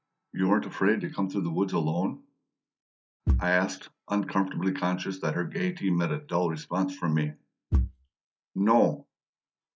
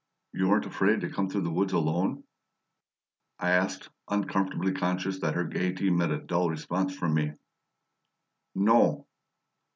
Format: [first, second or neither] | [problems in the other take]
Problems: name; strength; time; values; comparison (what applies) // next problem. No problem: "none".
second | noise reduction (classical method log-MMSE)